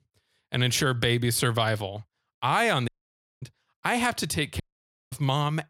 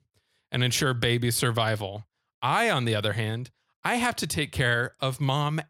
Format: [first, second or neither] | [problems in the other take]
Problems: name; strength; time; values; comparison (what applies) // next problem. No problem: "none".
second | audio cutting out; at 3 s for 0.5 s and at 4.5 s for 0.5 s